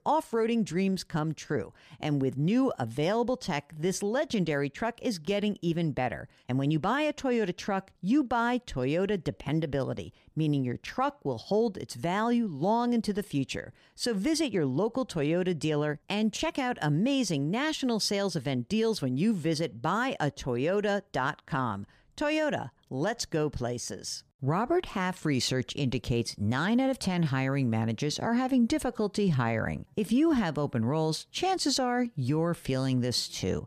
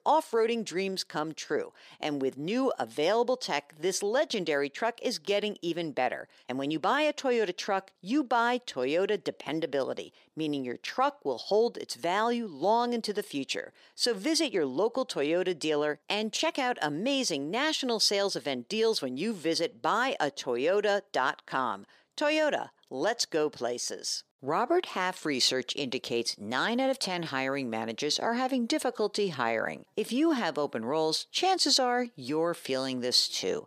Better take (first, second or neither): first